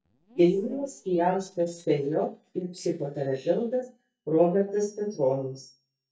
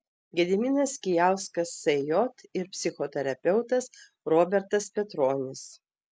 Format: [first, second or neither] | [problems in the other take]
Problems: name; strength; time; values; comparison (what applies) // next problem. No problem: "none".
second | noise reduction (neural mask model DeepFilterNet 3)